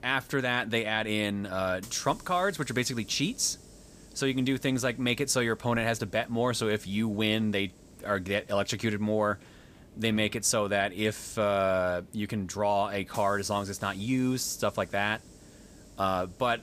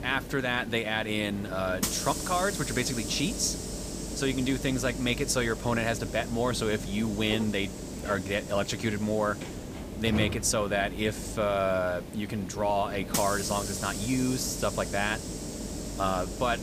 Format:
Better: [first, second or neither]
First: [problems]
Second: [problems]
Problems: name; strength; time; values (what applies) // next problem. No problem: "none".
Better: first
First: hiss; faint; throughout; 25 dB below the speech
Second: hiss; loud; throughout; 7 dB below the speech